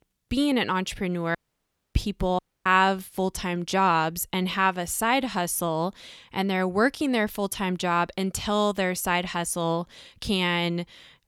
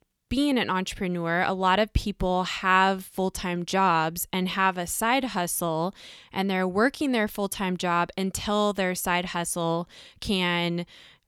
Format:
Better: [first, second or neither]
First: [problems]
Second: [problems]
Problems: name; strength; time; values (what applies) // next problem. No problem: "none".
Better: second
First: audio cutting out; at 1.5 s for 0.5 s and at 2.5 s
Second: none